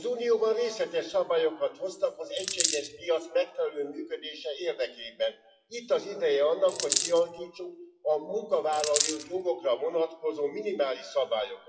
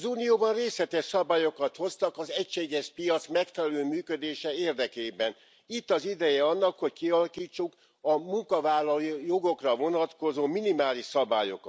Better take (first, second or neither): second